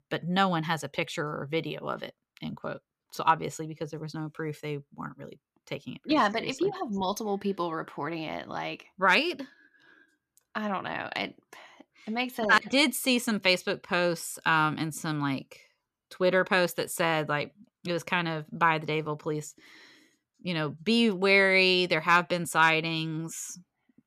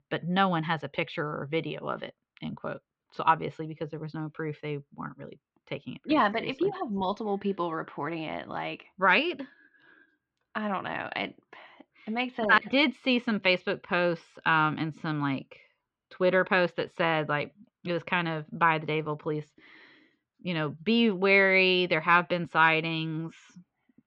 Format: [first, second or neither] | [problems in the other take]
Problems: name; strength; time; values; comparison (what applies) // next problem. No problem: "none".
first | muffled; slightly; fading above 3.5 kHz